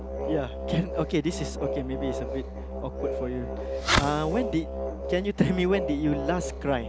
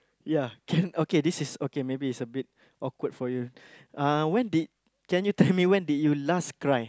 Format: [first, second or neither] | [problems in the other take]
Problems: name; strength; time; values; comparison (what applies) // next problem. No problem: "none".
second | background sound (Musical instrument + Fireworks); 2 dB below the speech